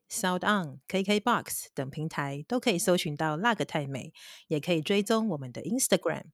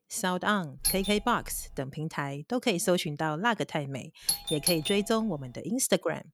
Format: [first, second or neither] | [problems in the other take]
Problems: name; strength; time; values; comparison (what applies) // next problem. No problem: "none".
first | doorbell; loud; at 1 s and at 4.5 s; peak 1 dB above the speech